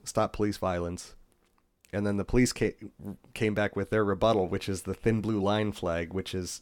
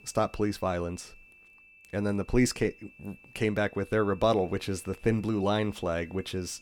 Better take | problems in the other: first | high-pitched whine; faint; throughout; 2.5 kHz, 25 dB below the speech

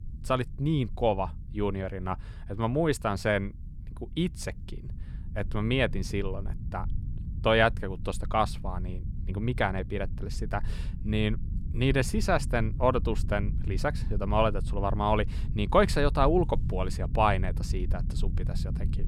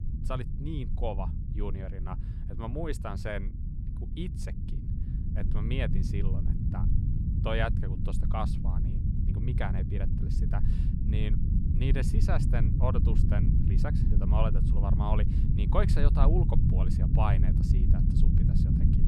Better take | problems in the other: first | low rumble; loud; throughout; 4 dB below the speech; faint in the first

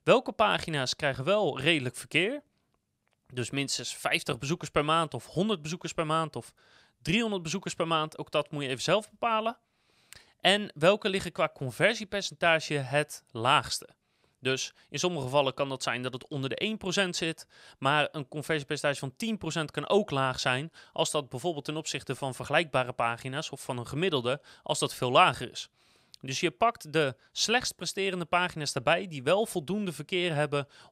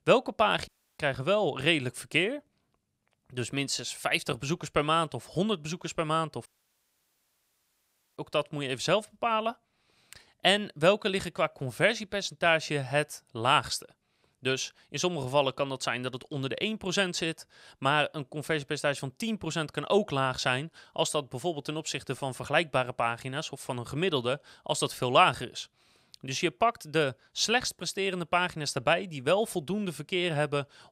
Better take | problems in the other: first | audio cutting out; at 0.5 s and at 6.5 s for 1.5 s

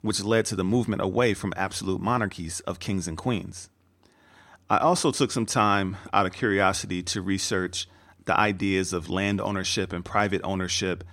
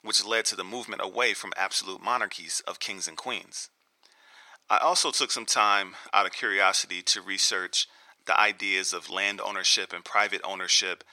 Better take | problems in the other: first | thin; very; fading below 700 Hz

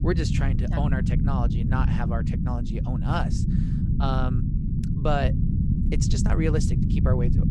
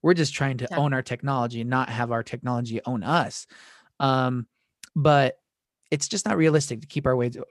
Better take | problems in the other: second | low rumble; loud; throughout; 4 dB below the speech

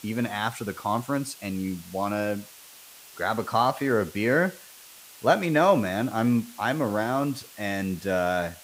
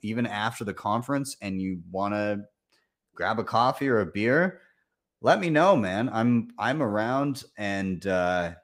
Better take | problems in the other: second | hiss; noticeable; throughout; 20 dB below the speech

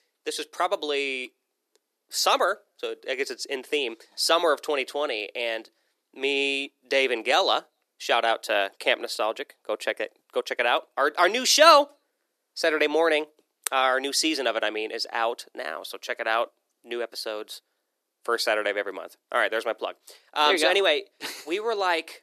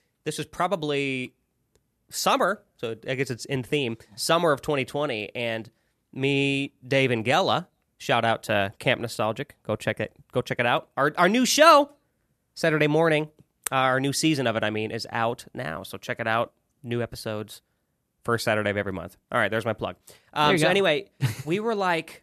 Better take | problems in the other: second | thin; somewhat; fading below 350 Hz

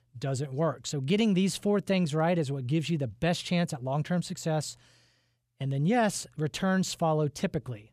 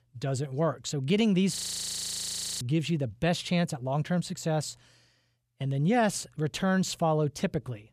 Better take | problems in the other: first | audio freezing; at 1.5 s for 1 s

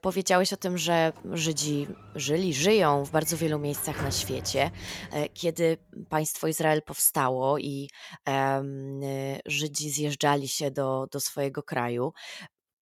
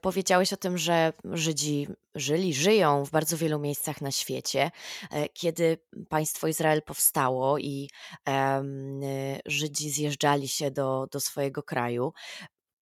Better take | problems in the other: second | door banging; noticeable; from 1 to 5 s; peak 8 dB below the speech

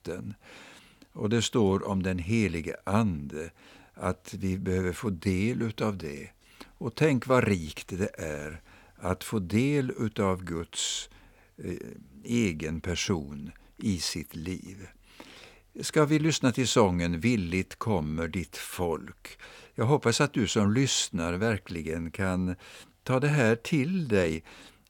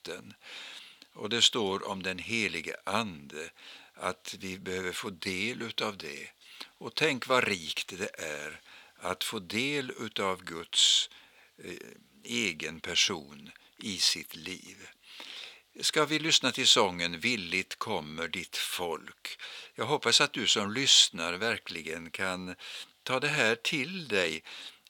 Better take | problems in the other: first | thin; somewhat; fading below 800 Hz

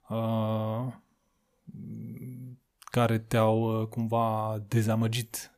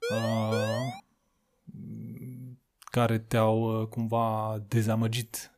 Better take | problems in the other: first | siren; noticeable; at the start; peak 4 dB below the speech

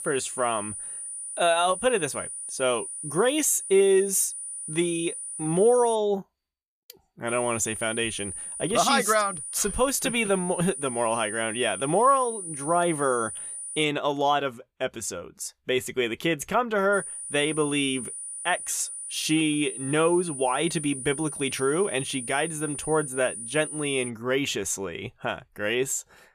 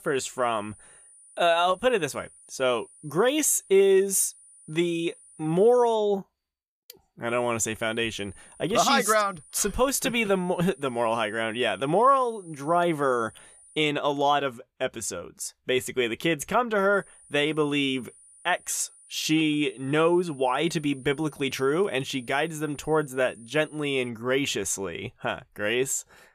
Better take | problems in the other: second | high-pitched whine; loud; until 6 s, from 7.5 to 14 s and from 17 to 24 s; 9.5 kHz, 8 dB below the speech; faint in the second

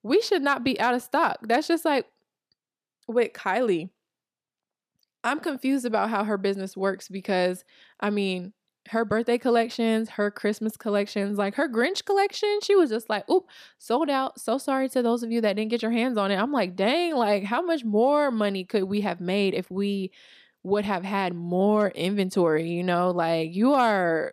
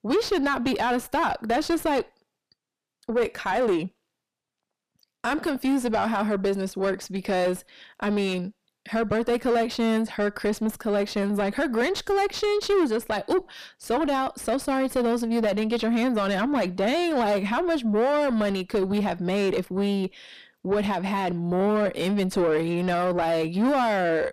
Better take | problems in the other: first | distortion; heavy; 6 dB below the speech

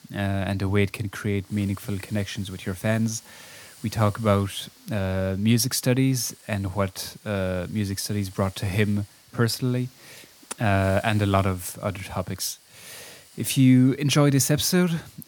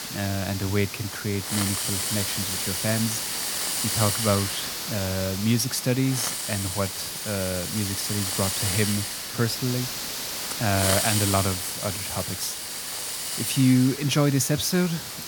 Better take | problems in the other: first | hiss; loud; throughout; 1 dB below the speech; faint in the first

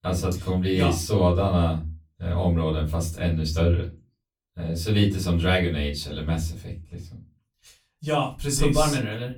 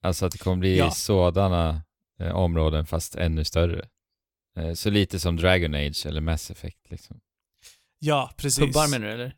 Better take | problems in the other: second | off-mic speech; far // room echo; very slight; dies away in 0.3 s

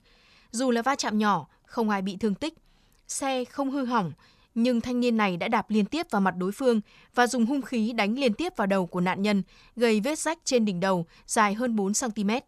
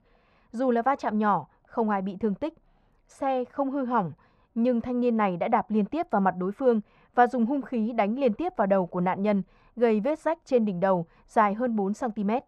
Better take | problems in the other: first | muffled; very; fading above 3 kHz

